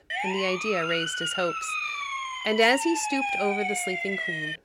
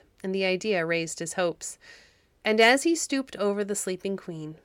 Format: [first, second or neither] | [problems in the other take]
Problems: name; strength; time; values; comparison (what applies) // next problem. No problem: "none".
second | siren; loud; peak level with the speech